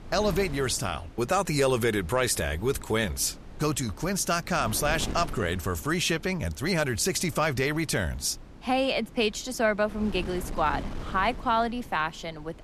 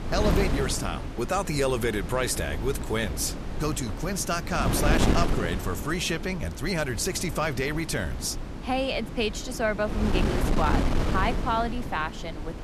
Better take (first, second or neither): first